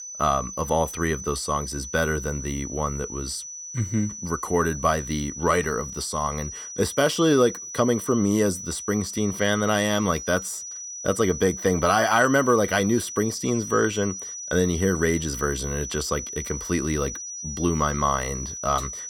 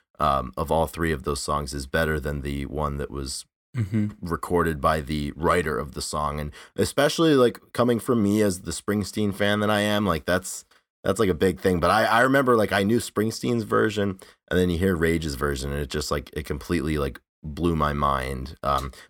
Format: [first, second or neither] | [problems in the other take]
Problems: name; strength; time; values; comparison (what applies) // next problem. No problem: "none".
second | high-pitched whine; loud; throughout; 6 kHz, 9 dB below the speech